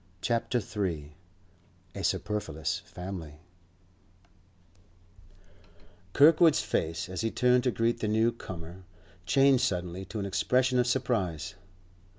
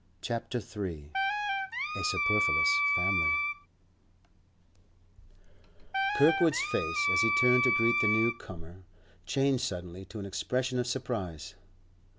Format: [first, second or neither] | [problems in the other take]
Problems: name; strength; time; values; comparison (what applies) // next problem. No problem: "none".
first | background sound (Wind instrument, woodwind instrument); 4 dB above the speech